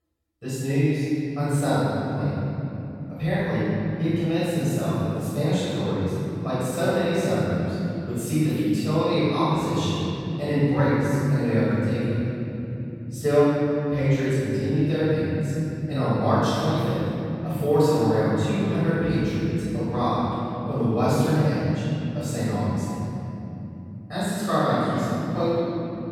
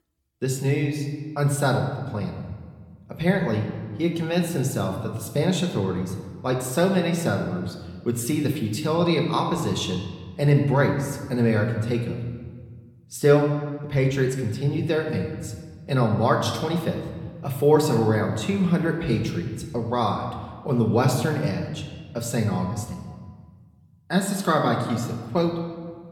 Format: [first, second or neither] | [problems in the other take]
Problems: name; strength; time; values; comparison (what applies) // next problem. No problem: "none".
second | room echo; strong; dies away in 3 s; slight in the second // off-mic speech; far